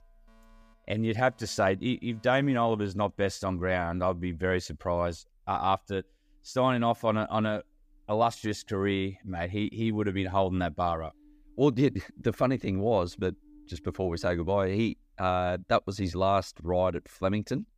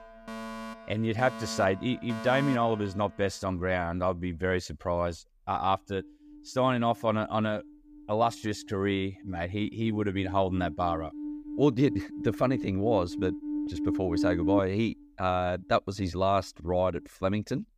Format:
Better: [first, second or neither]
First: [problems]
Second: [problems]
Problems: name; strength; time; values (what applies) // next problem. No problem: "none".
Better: first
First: alarms or sirens; faint; throughout; 30 dB below the speech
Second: alarms or sirens; loud; throughout; 7 dB below the speech